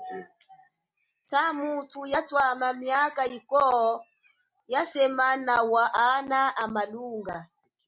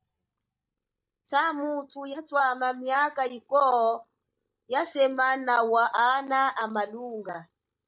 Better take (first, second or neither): first